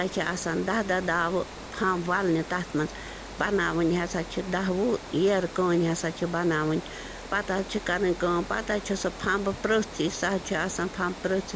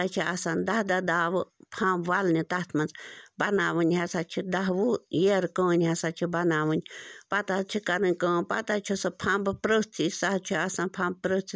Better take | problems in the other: second | background sound (Water); 13 dB below the speech

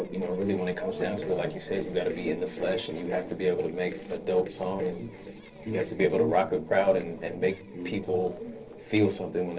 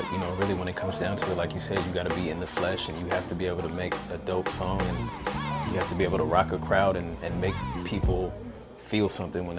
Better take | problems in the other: second | noise reduction (neural separator model SepFormer DNS4)

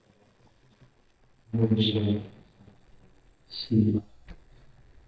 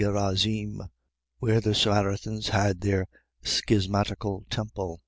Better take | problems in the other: second | noise reduction (neural mask model DeepFilterNet 3)

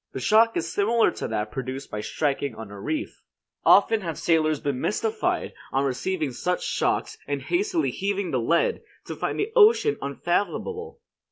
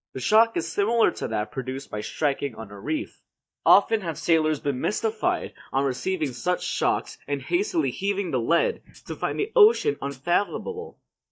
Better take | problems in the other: first | noise reduction (neural mask model DeepFilterNet 3)

